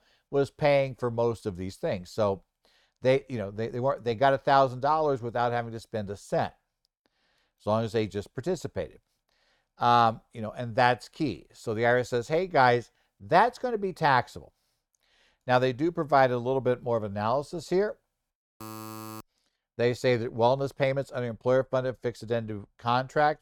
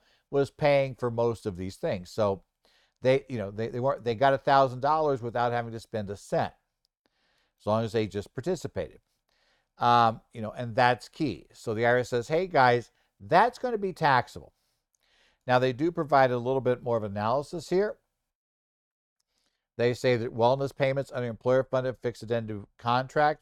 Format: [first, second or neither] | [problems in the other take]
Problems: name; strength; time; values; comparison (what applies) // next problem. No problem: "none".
second | alarm; faint; at 19 s; peak 15 dB below the speech